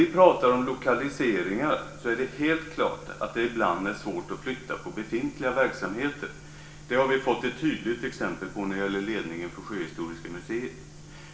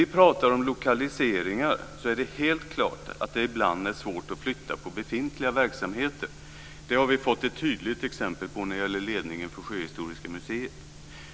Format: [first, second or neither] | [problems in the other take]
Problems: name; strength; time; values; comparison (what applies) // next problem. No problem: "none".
second | room echo; dies away in 0.9 s